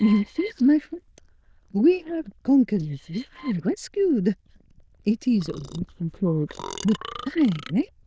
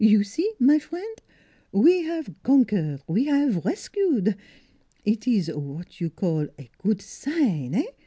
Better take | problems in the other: second | noise reduction (neural diffusion model UNIVERSE++)

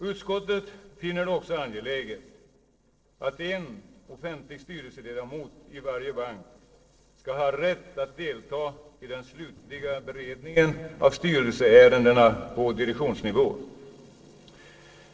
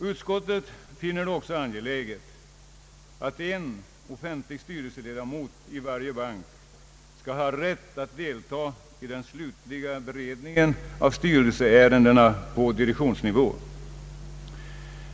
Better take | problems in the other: second | noise reduction (neural separator model SepFormer DNS4)

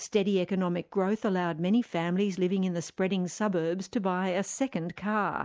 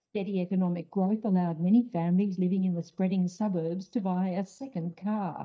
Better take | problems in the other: first | noise reduction (neural mask model DeepFilterNet 3)

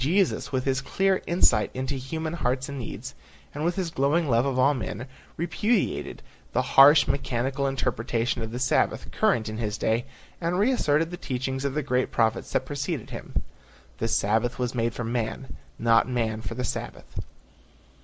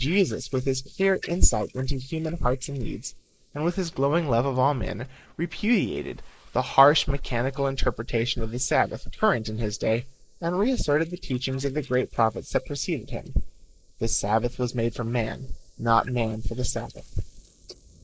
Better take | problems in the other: first | noise reduction (neural mask model Resemble Enhance denoiser)

